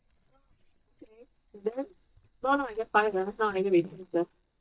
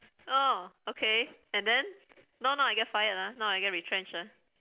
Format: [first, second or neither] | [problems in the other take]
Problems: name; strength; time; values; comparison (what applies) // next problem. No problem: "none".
second | noise reduction (neural mask model DeepFilterNet 3)